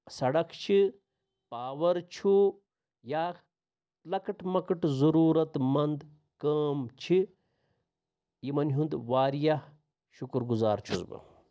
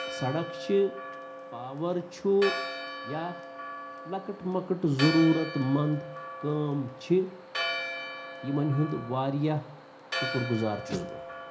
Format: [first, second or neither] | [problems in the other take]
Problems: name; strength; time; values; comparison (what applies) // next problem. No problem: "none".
first | background sound (Church bell); 8 dB below the speech // room echo; dies away in 0.4 s